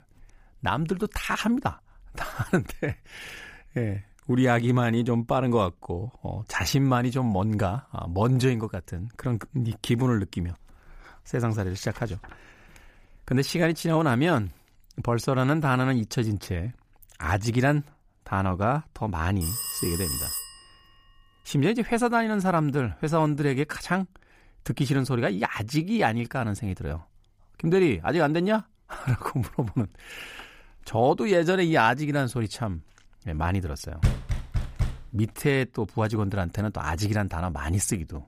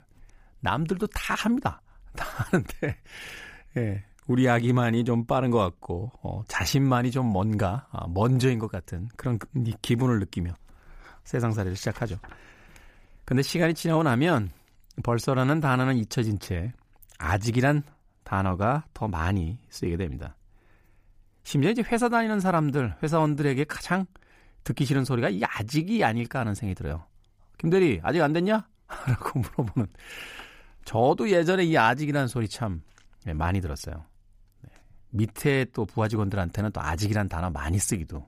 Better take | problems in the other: second | phone ringing; noticeable; from 19 to 21 s; peak 2 dB below the speech // door banging; noticeable; at 34 s; peak 1 dB below the speech

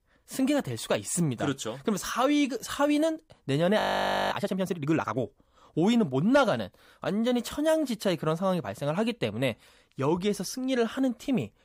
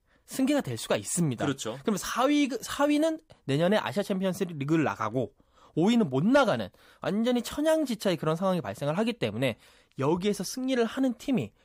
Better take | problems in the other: second | audio freezing; at 4 s for 0.5 s

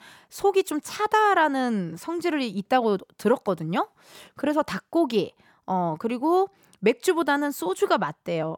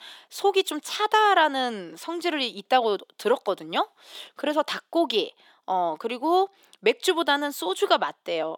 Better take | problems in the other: first | thin; somewhat; fading below 300 Hz

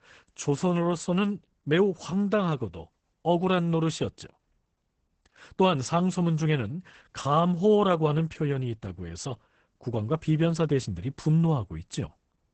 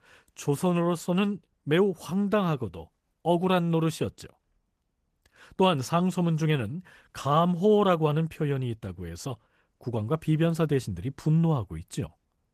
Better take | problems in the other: second | garbled, watery; badly; nothing above 8 kHz; slightly in the second

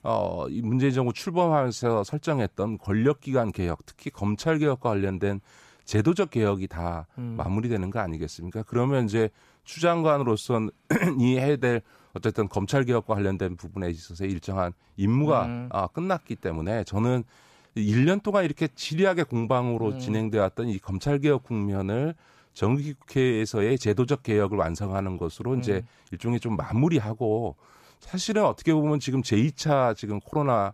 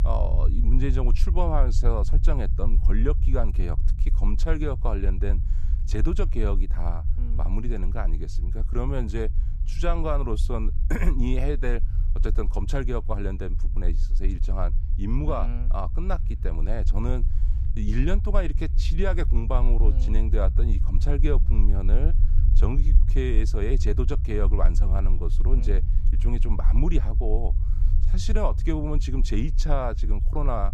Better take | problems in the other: first | low rumble; noticeable; throughout; 15 dB below the speech

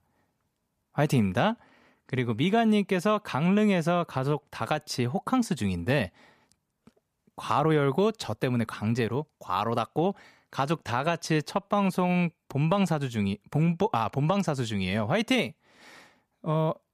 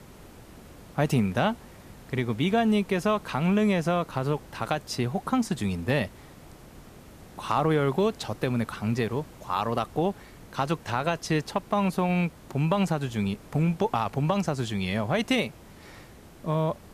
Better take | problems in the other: first | hiss; faint; throughout; 20 dB below the speech

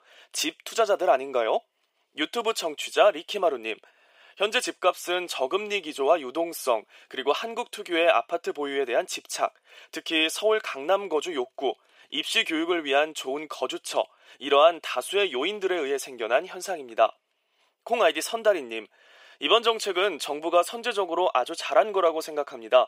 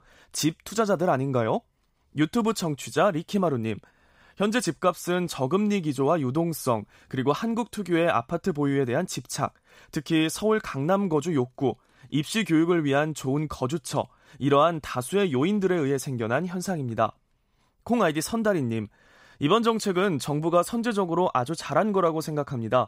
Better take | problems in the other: second | thin; very; fading below 400 Hz

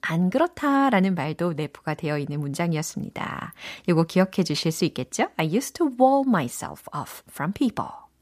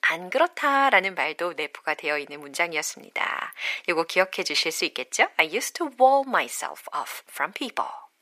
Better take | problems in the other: first | thin; very; fading below 450 Hz

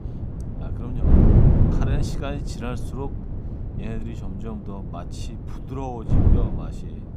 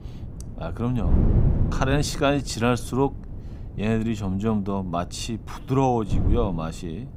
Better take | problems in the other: second | wind noise on the microphone; heavy; 4 dB above the speech; occasional gusts in the second

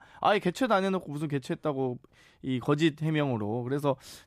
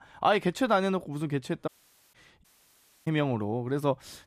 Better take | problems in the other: first | audio cutting out; at 1.5 s and at 2.5 s for 0.5 s

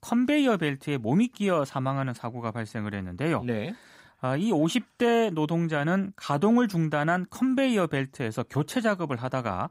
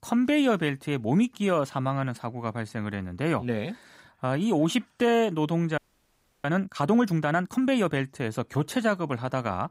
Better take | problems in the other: first | audio freezing; at 6 s for 0.5 s

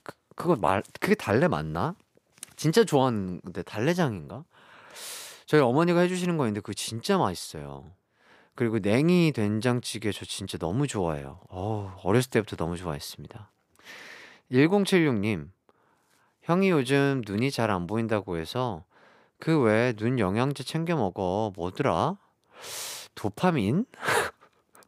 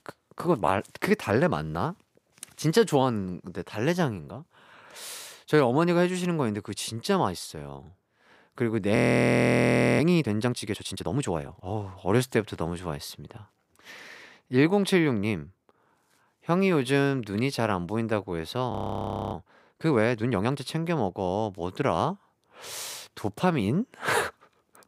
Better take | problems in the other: first | audio freezing; at 9 s for 1 s and at 19 s for 0.5 s

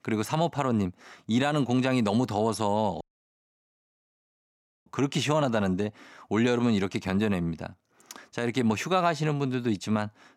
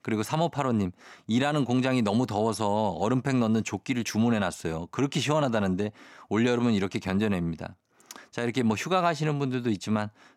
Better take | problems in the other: second | audio cutting out; at 3 s for 2 s

